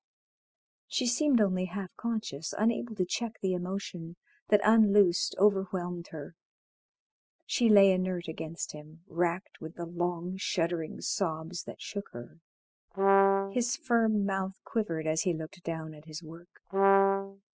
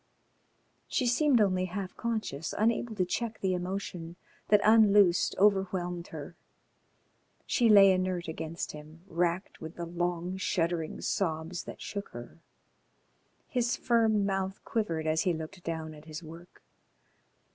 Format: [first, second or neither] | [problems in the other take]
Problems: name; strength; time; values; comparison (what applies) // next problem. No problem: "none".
second | noise reduction (classical method spectral subtraction)